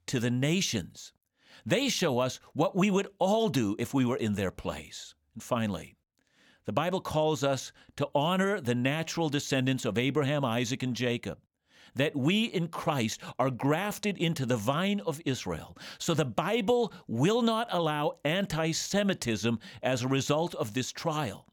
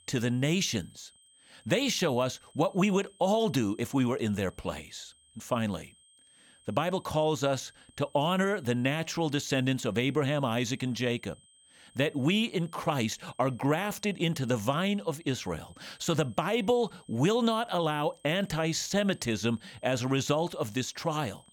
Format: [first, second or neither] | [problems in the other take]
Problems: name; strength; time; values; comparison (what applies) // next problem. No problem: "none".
first | high-pitched whine; faint; throughout; 3 kHz, 30 dB below the speech